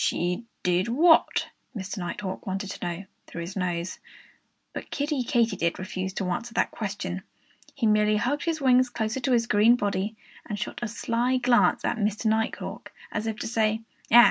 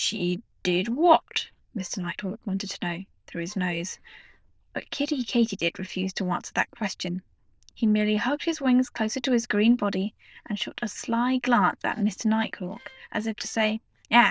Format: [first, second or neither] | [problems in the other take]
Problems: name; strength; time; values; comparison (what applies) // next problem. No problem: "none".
first | noise reduction (neural diffusion model UNIVERSE++)